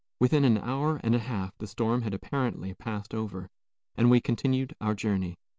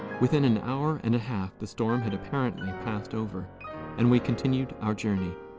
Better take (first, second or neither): first